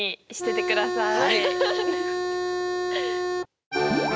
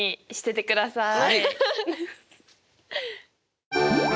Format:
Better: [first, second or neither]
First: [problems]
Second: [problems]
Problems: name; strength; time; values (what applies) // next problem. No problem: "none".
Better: second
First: background sound (Organ); 1 dB above the speech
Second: none